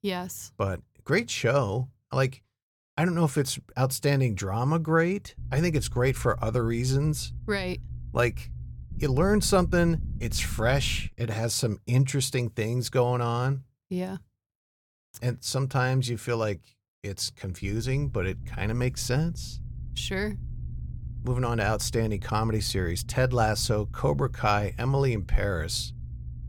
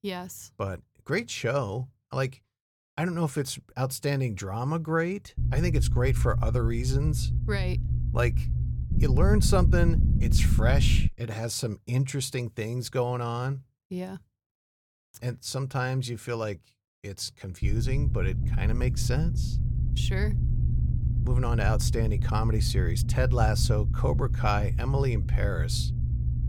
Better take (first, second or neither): first